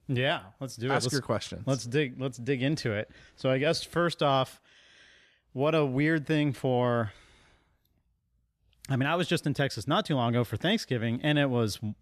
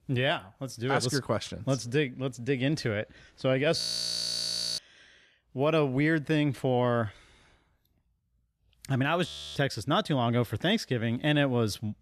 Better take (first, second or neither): first